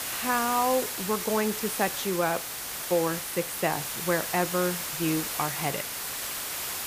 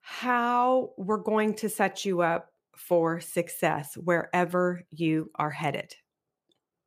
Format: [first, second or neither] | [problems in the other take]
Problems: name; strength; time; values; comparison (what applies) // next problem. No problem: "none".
second | hiss; loud; throughout; 2 dB below the speech